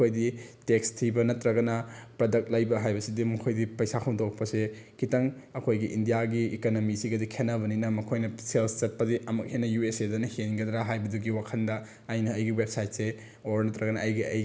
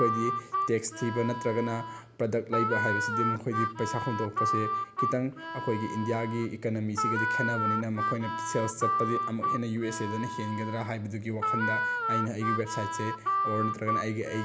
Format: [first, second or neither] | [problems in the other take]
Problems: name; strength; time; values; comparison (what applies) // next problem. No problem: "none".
first | background sound (Harmonica); as loud as the speech